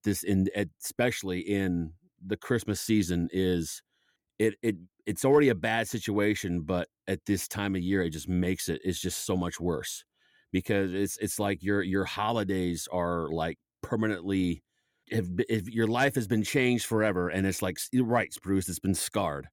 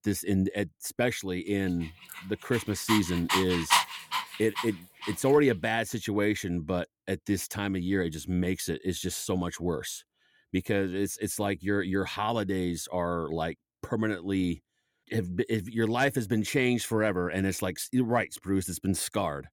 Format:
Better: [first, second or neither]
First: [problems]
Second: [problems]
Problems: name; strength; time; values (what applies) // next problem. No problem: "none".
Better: first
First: none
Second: dog barking; loud; from 2.5 to 5 s; peak 5 dB above the speech